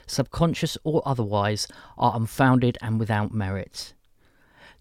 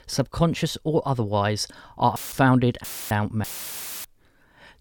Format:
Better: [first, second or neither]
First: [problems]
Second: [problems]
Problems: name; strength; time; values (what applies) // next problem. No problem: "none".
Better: first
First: none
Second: audio cutting out; filled with static; at 2 s, at 3 s and at 3.5 s for 0.5 s